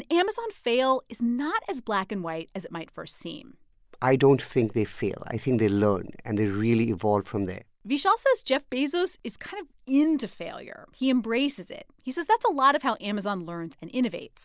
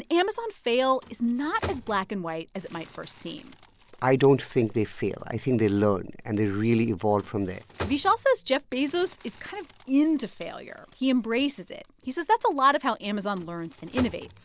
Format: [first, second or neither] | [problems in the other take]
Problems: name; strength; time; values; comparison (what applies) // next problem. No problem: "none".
first | background sound (Crumpling, crinkling); 19 dB below the speech